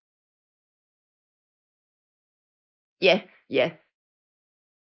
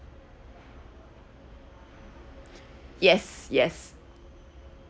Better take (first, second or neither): second